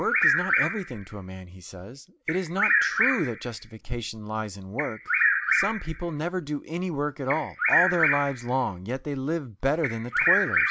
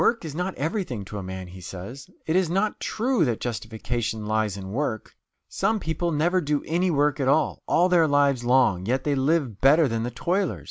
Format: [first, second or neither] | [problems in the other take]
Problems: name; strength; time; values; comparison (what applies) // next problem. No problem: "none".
second | background sound (Bird vocalization, bird call, bird song); 2 dB above the speech